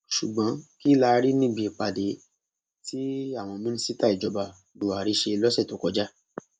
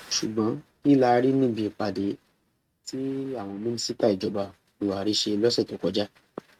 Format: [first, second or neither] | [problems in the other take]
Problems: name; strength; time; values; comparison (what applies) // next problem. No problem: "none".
first | noise reduction (neural mask model RNNoise)